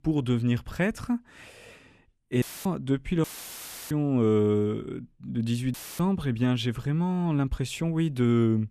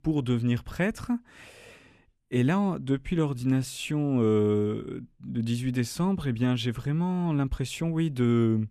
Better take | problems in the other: second | audio cutting out; filled with static; at 2.5 s, at 3 s for 0.5 s and at 5.5 s

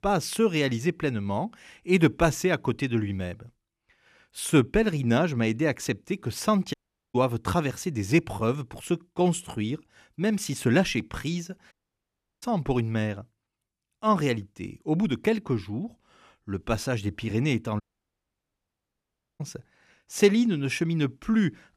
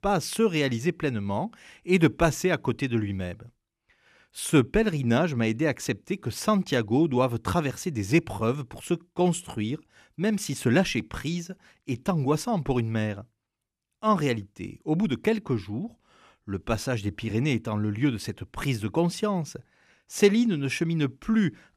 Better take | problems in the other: second | audio cutting out; at 6.5 s, at 12 s for 0.5 s and at 18 s for 1.5 s

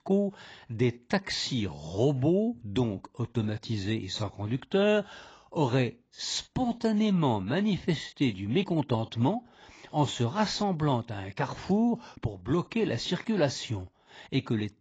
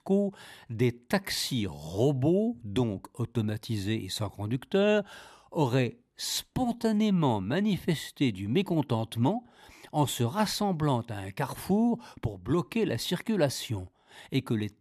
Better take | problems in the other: second | garbled, watery; badly; nothing above 7.5 kHz

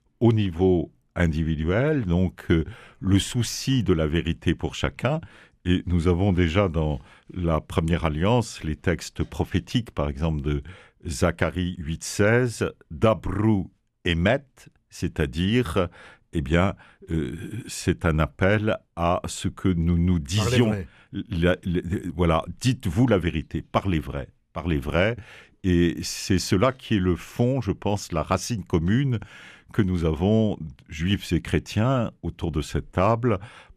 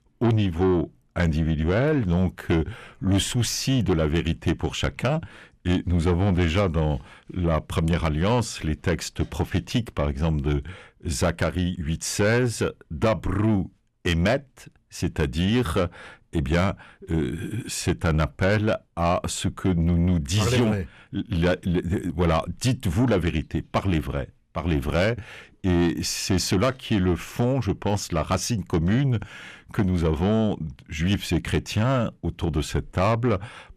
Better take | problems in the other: first | distortion; slight; 10 dB below the speech

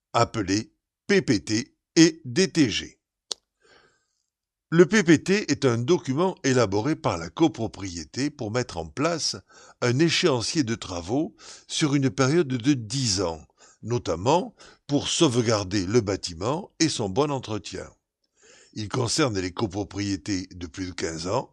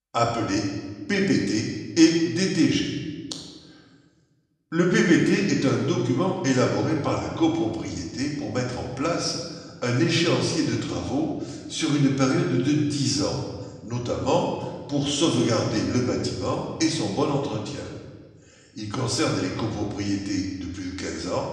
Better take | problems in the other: first | room echo; noticeable; dies away in 1.2 s // off-mic speech; far

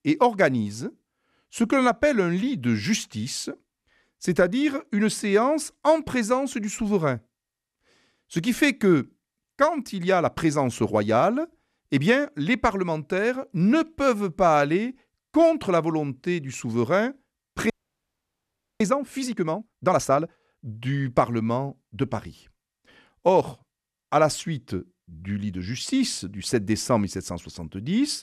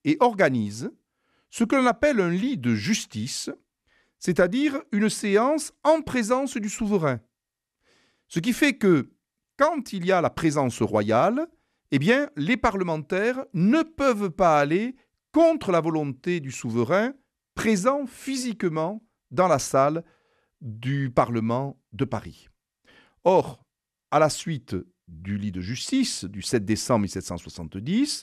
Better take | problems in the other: second | audio freezing; at 18 s for 1 s

